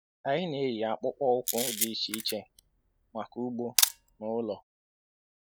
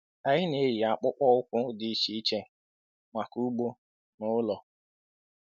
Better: second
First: background sound (Camera); 1 dB below the speech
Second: none

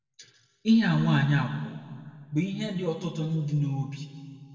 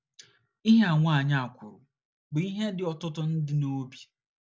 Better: second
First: room echo; dies away in 1.8 s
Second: none

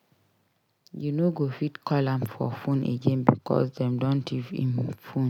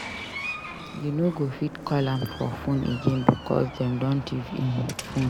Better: first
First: none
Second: background sound (Door); 11 dB below the speech

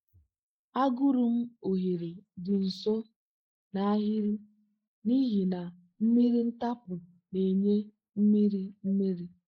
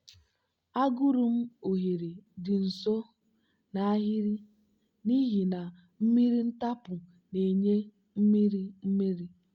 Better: second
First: noise reduction (neural mask model Resemble Enhance denoiser)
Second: none

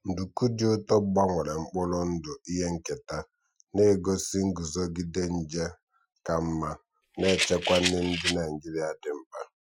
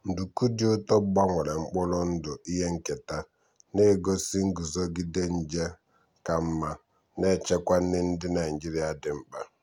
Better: second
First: noise reduction (classical method Wiener filter)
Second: none

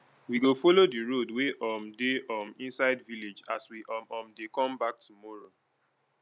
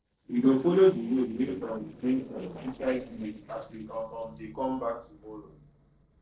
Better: first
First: none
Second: noise reduction (neural separator model SepFormer DNS4)

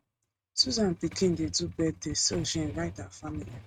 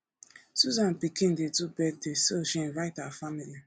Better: second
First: noise reduction (neural mask model RNNoise)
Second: none

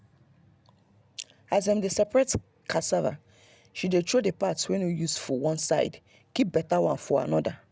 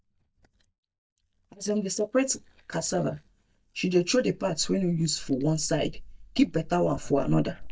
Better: first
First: none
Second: noise reduction (neural mask model DeepFilterNet 3)

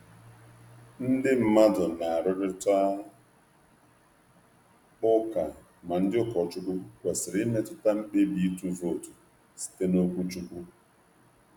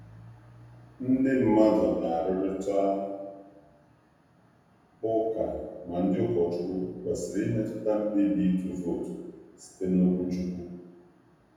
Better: first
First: none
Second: room echo; dies away in 1.2 s

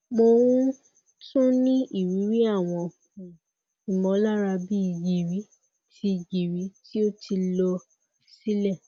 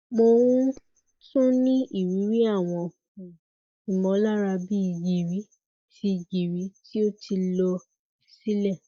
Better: first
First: none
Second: noise reduction (neural mask model DeepFilterNet 3)

